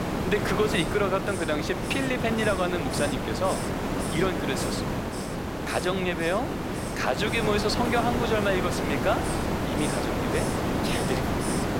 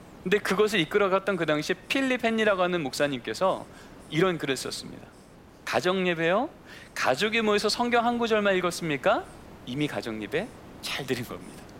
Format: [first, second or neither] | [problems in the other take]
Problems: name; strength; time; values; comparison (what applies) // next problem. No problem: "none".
second | hiss; loud; throughout; 1 dB below the speech; faint in the second